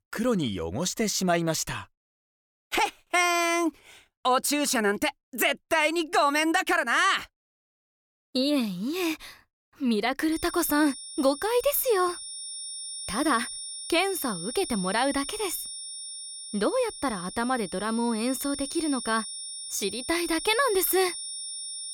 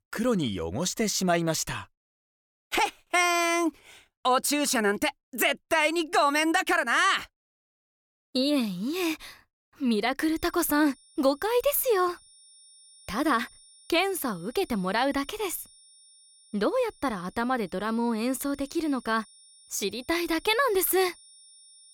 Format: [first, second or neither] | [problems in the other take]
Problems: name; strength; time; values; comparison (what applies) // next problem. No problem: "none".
second | high-pitched whine; loud; from 10 s on; 9.5 kHz, 9 dB below the speech; faint in the second